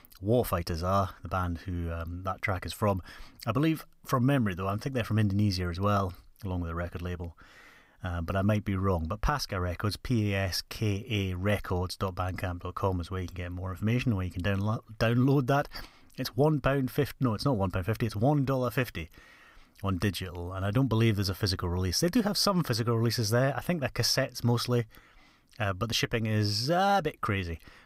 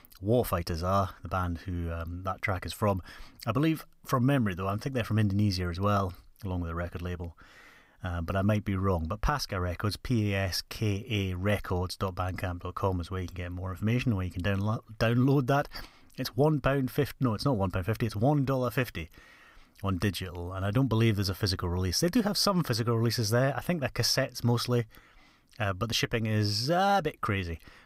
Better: neither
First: none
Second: none

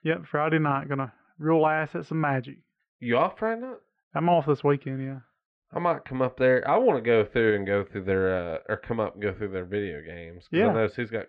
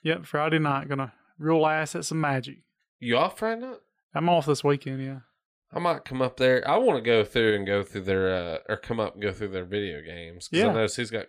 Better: second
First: muffled; very; fading above 2.5 kHz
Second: none

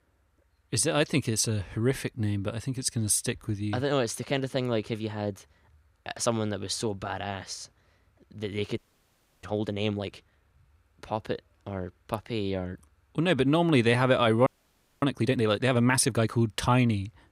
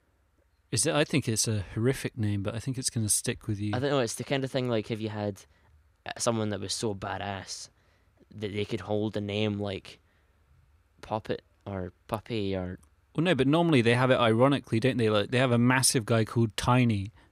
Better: second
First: audio freezing; at 9 s for 0.5 s and at 14 s for 0.5 s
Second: none

